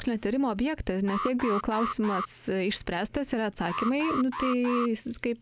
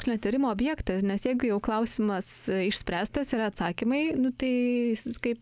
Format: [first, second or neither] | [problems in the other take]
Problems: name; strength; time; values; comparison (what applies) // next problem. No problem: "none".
second | background sound (Alarm); 6 dB below the speech